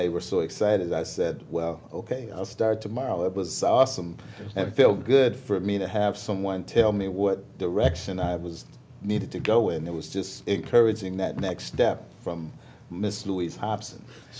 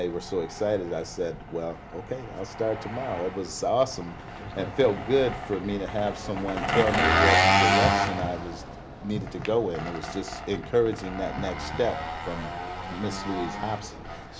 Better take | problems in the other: first | background sound (Engine); as loud as the speech

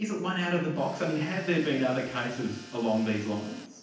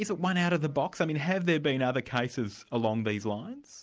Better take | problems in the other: second | background sound (Tools); 20 dB below the speech // room echo; dies away in 0.9 s

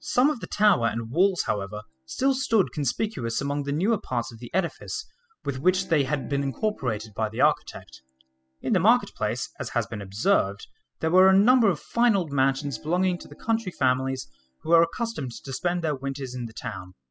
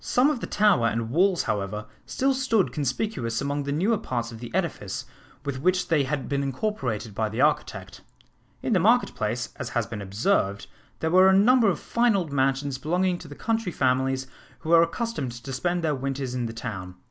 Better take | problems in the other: second | noise reduction (classical method spectral subtraction)

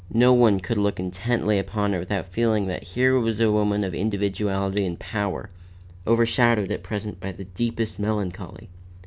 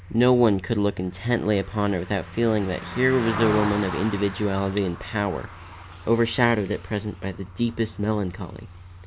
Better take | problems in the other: first | background sound (Car passing by); 13 dB below the speech

